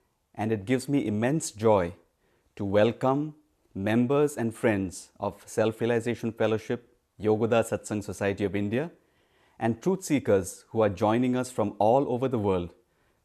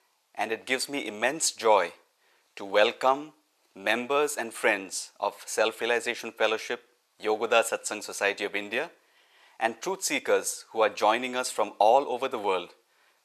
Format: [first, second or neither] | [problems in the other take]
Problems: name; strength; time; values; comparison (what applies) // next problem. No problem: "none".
first | thin; very; fading below 700 Hz